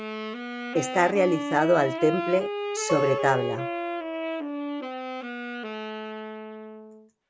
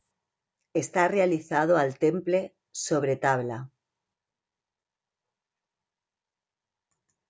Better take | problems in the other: second | background sound (Acoustic guitar + Wind instrument, woodwind instrument); 4 dB below the speech

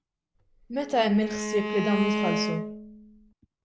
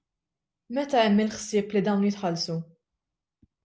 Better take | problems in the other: second | background sound (Bowed string instrument); 2 dB below the speech

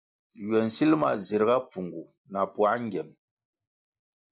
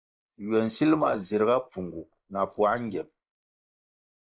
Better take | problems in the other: first | noise reduction (neural mask model Resemble Enhance denoiser)

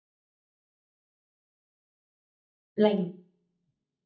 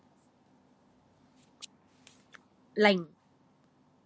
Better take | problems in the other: second | noise reduction (neural mask model DeepFilterNet 3)

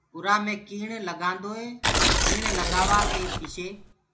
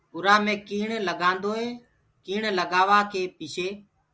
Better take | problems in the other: second | background sound (Tearing); 4 dB above the speech // room echo; dies away in 0.3 s

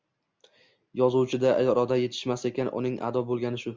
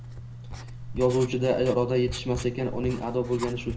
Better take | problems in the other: first | background sound (Writing); 10 dB below the speech // room echo; dies away in 0.6 s

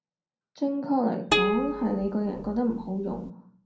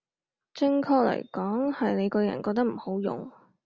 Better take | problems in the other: second | background sound (Plucked string instrument); 2 dB below the speech // room echo; dies away in 0.6 s

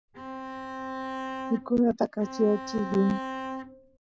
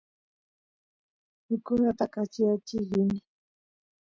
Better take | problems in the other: second | background sound (Bowed string instrument); 7 dB below the speech

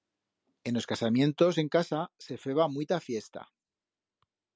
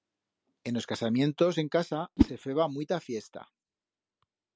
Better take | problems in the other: first | background sound (Whoosh, swoosh, swish); 2 dB below the speech

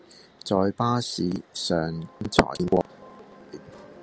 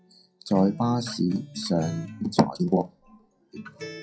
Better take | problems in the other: first | noise reduction (classical method WPE with log-MMSE)

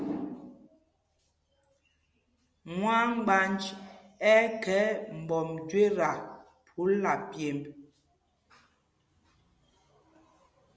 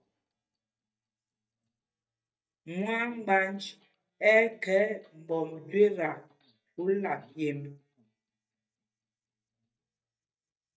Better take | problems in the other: first | noise reduction (neural mask model DeepFilterNet 3)

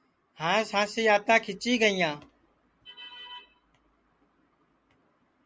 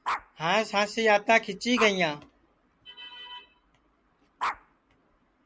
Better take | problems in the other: first | background sound (Dog); 10 dB below the speech

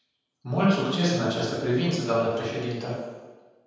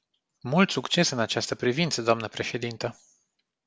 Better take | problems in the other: second | room echo; dies away in 1.2 s

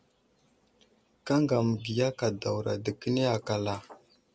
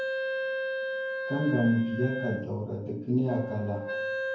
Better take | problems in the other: first | background sound (Wind instrument, woodwind instrument); 4 dB below the speech // room echo; dies away in 0.9 s

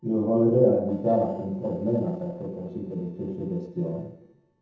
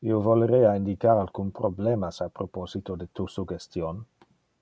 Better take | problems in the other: second | noise reduction (neural separator model SepFormer DNS4)

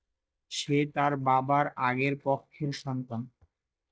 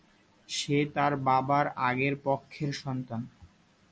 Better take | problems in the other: second | noise reduction (neural mask model DeepFilterNet 3)

